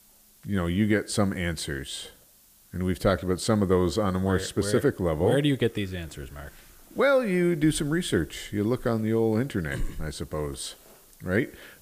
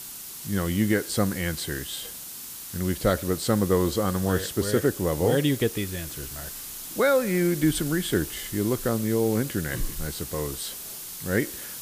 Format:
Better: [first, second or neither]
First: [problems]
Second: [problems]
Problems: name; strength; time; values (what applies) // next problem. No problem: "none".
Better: first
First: hiss; faint; throughout; 30 dB below the speech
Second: hiss; loud; throughout; 9 dB below the speech